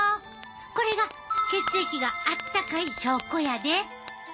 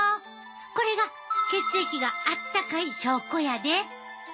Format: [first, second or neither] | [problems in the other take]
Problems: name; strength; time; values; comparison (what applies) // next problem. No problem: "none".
second | background sound (Fire); 19 dB below the speech